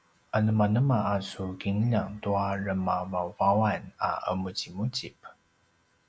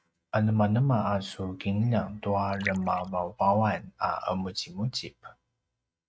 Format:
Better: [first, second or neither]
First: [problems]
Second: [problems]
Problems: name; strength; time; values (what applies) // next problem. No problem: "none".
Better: first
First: none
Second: noise reduction (neural mask model RNNoise)